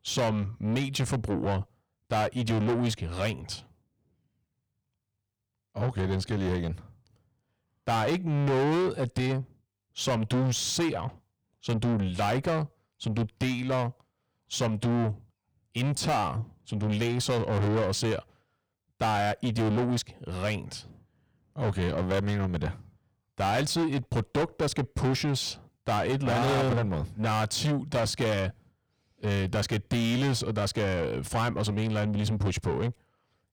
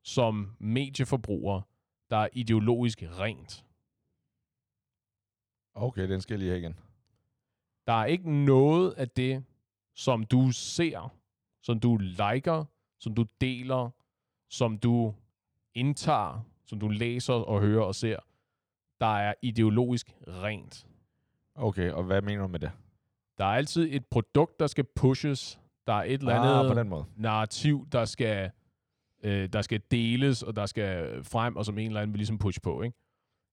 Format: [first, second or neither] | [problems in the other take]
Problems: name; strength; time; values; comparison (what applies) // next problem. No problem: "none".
second | distortion; heavy; 6 dB below the speech